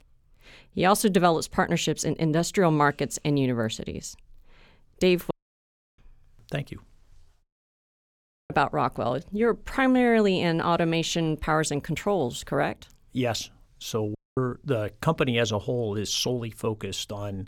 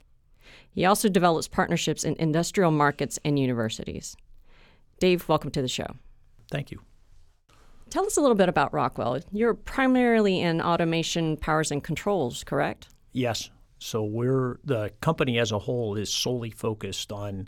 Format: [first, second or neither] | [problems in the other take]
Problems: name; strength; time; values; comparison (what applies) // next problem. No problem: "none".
second | audio cutting out; at 5.5 s for 0.5 s, at 7.5 s for 1 s and at 14 s